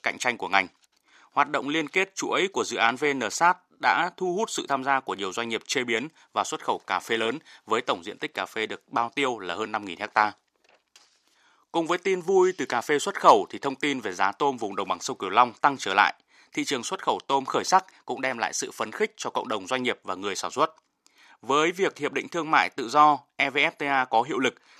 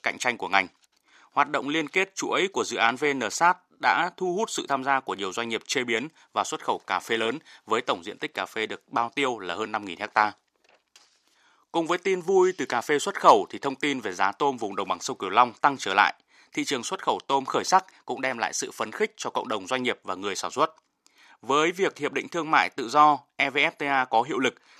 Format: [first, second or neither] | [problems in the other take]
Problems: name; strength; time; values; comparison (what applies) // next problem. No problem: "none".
neither | thin; somewhat; fading below 500 Hz; the same in both